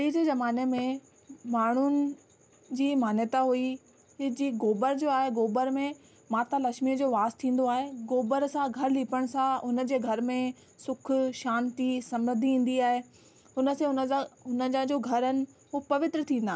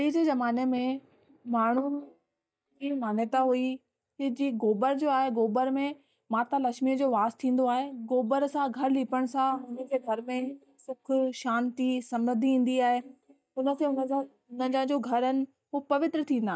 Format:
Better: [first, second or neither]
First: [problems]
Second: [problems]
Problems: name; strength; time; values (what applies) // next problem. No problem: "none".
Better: first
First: none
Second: noise reduction (neural mask model DeepFilterNet 3)